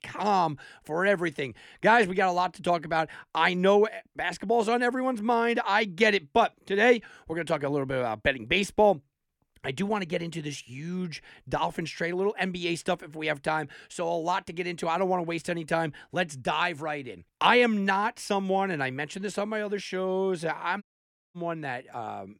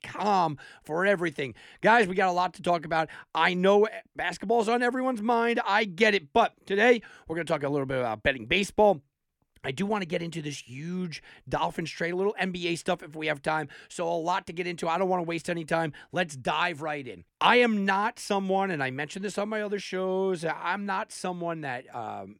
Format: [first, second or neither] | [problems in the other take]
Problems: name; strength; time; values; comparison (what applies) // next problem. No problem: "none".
second | audio cutting out; at 21 s for 0.5 s